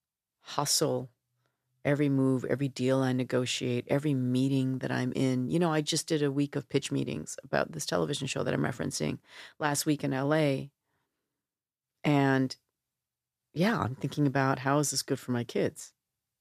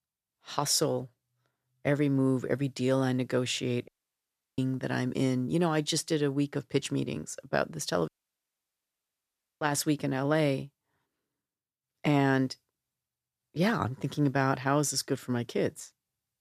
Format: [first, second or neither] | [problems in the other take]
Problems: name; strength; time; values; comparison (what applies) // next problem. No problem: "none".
first | audio cutting out; at 4 s for 0.5 s and at 8 s for 1.5 s